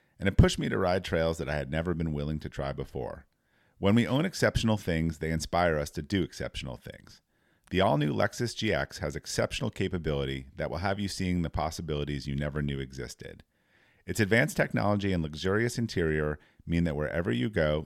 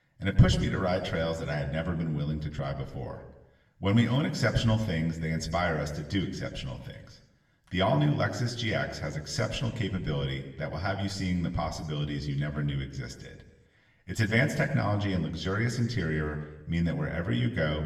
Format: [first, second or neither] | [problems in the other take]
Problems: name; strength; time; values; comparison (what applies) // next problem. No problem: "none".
first | room echo; slight; dies away in 1 s // off-mic speech; somewhat distant